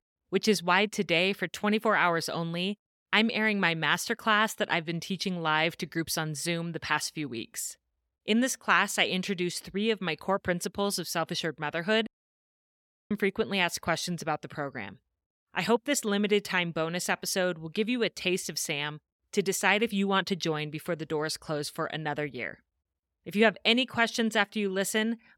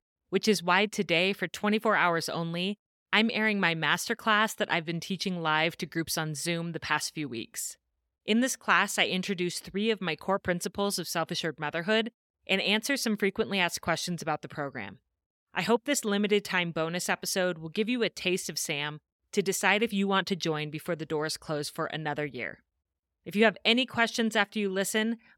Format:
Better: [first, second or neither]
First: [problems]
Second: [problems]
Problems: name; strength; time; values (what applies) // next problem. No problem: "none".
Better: second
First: audio cutting out; at 12 s for 1 s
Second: none